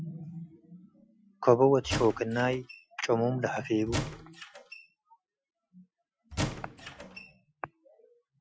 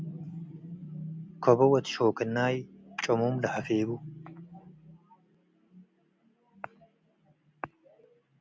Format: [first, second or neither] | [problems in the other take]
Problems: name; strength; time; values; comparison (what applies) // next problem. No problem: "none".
second | noise reduction (classical method Wiener filter)